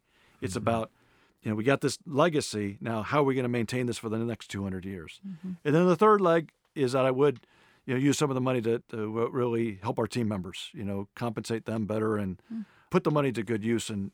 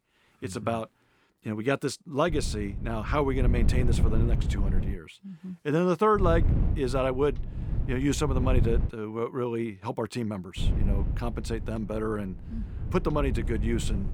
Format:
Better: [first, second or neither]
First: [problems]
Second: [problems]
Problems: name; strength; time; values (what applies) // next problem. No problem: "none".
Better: first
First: none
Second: wind noise on the microphone; occasional gusts; from 2.5 to 5 s, from 6 to 9 s and from 11 s on; 15 dB below the speech